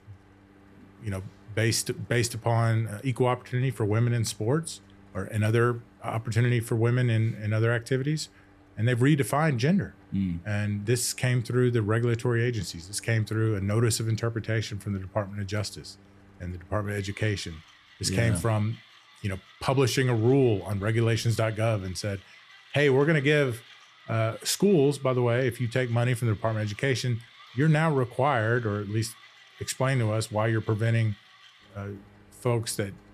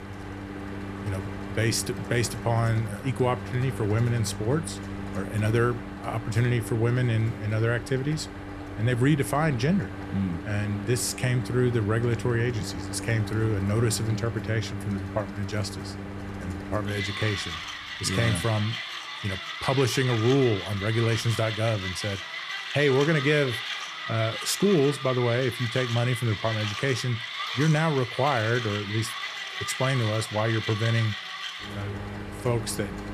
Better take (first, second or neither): first